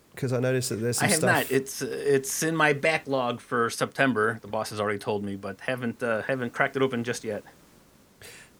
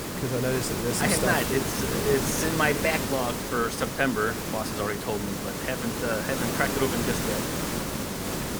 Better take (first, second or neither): first